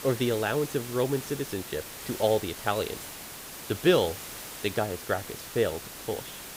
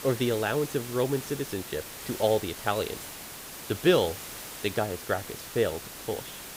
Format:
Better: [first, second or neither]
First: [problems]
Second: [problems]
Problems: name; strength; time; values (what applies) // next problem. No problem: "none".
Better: neither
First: hiss; loud; throughout; 9 dB below the speech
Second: hiss; loud; throughout; 9 dB below the speech